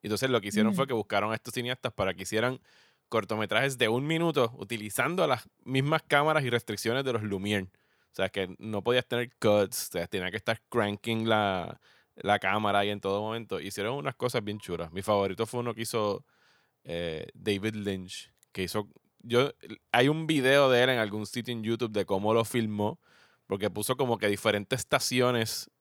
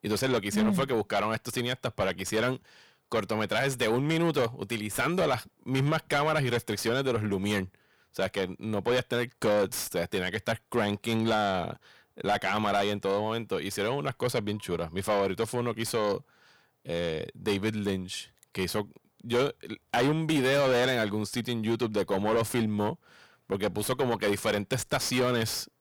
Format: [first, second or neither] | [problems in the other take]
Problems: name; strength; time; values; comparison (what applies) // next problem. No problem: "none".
first | distortion; heavy; 8 dB below the speech